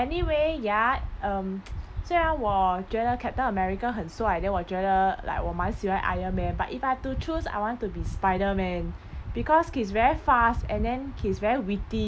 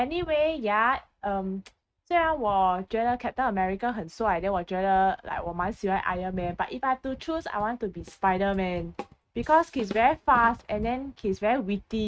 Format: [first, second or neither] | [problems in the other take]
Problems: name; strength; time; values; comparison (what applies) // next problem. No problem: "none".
first | noise reduction (neural mask model RNNoise)